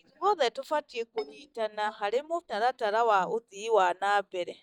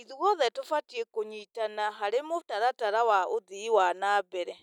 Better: second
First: noise reduction (neural mask model DeepFilterNet 3)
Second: none

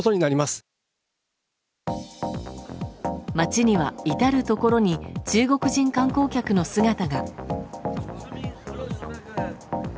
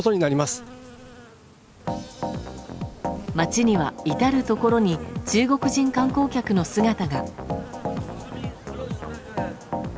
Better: first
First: none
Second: background sound (Insect); 18 dB below the speech

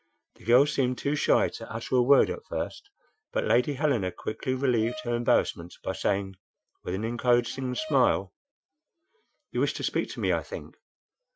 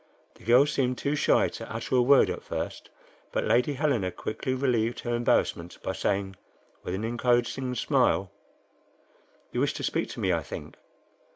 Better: second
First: noise reduction (classical method Wiener filter)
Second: none

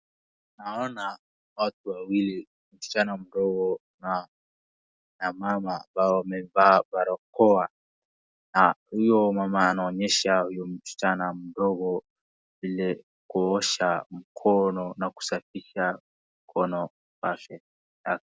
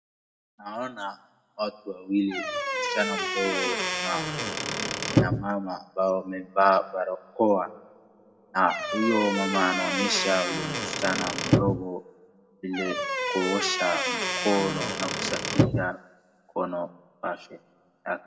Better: first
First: none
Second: background sound (Squeak / Wood); 1 dB above the speech // room echo; dies away in 1.5 s

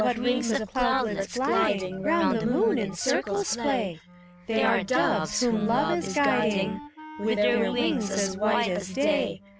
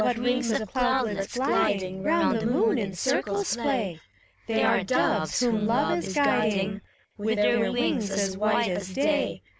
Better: second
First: background sound (Wind instrument, woodwind instrument + Telephone); 20 dB below the speech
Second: none

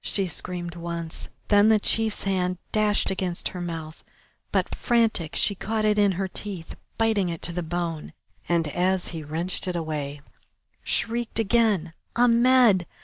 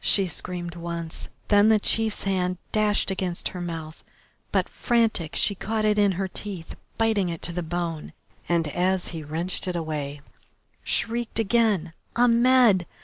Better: second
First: noise reduction (neural mask model DeepFilterNet 3)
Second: none

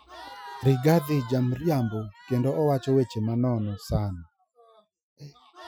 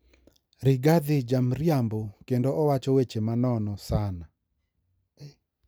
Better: second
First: noise reduction (classical method Wiener filter)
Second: none

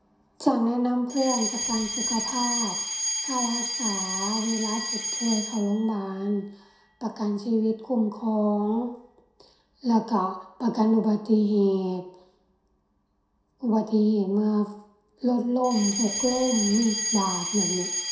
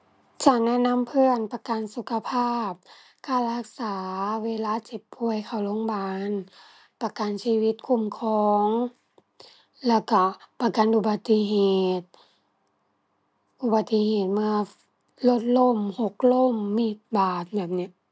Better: second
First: background sound (Alarm); 7 dB below the speech // room echo; dies away in 0.6 s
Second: none

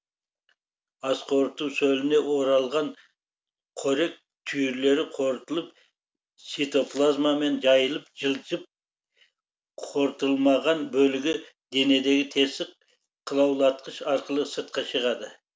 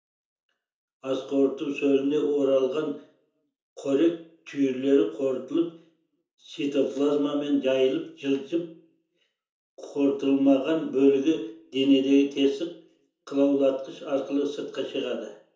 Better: first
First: none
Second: room echo; dies away in 0.6 s

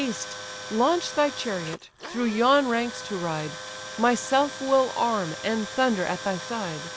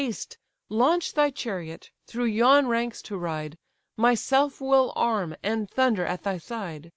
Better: second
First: background sound (Tools); 11 dB below the speech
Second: none

